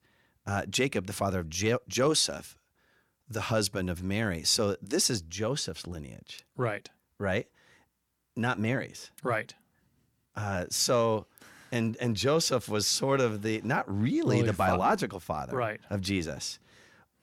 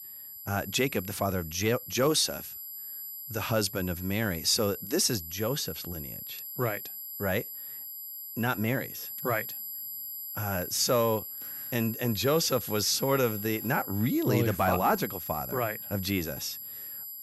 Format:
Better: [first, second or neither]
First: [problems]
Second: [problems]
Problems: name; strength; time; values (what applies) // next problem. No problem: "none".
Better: first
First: none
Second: high-pitched whine; loud; throughout; 12 kHz, 8 dB below the speech